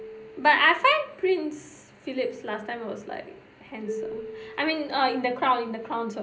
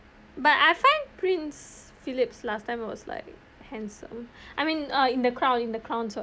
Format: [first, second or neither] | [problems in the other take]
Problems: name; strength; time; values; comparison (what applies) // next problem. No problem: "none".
second | background sound (Marimba, xylophone); 16 dB below the speech // room echo; dies away in 0.5 s